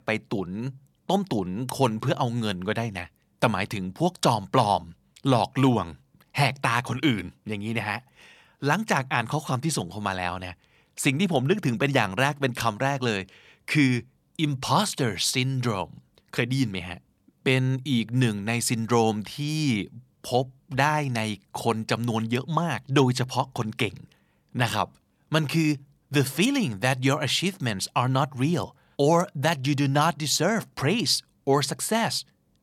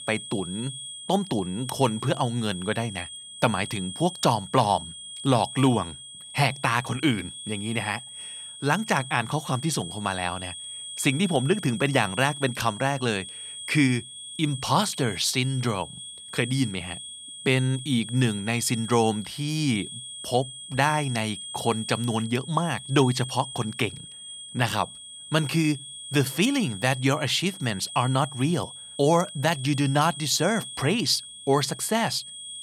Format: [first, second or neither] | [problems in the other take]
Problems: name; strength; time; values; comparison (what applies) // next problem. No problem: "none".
first | high-pitched whine; noticeable; throughout; 3.5 kHz, 10 dB below the speech